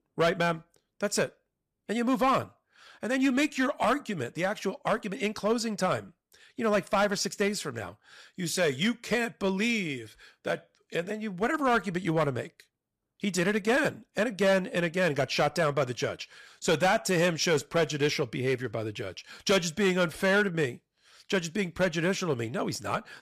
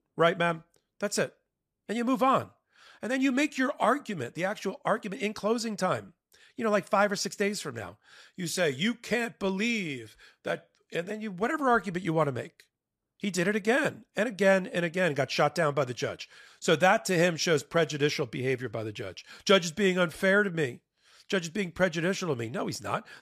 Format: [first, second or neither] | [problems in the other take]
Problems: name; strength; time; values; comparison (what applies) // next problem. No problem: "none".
second | distortion; slight; 4% of the sound clipped